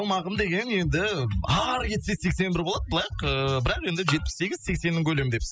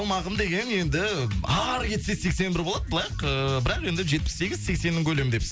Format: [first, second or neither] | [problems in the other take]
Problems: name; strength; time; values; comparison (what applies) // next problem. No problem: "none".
second | noise reduction (classical method spectral subtraction)